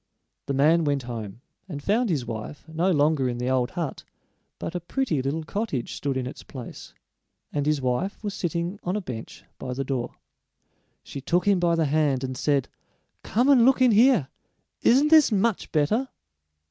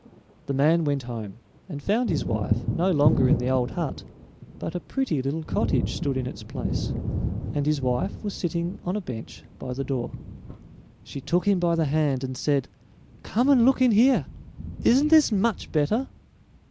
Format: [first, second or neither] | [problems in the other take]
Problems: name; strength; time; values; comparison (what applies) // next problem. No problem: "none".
first | background sound (Thunder); 7 dB below the speech